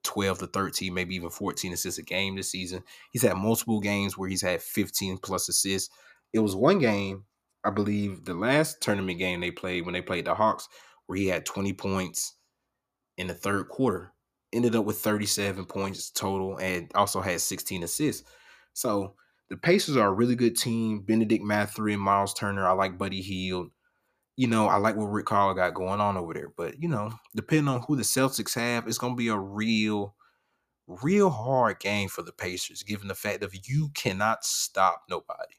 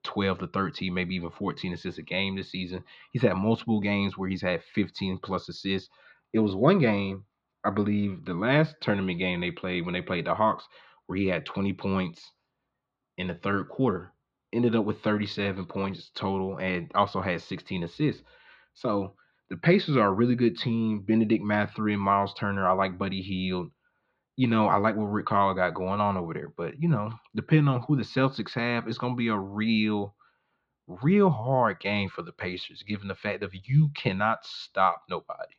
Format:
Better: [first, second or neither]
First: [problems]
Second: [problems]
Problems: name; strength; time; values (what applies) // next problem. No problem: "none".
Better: first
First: none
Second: muffled; slightly; fading above 4 kHz